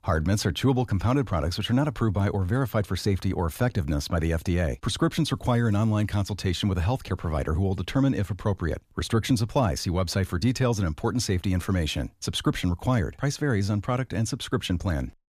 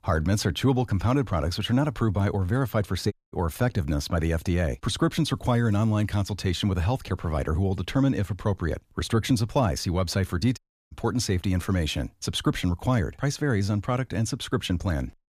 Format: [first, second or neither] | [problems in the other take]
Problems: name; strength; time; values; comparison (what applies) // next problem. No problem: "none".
first | audio cutting out; at 3 s and at 11 s